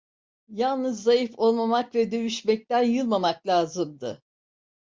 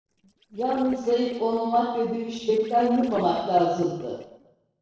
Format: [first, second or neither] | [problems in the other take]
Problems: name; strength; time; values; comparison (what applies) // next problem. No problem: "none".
first | noise reduction (neural separator model SepFormer DNS4)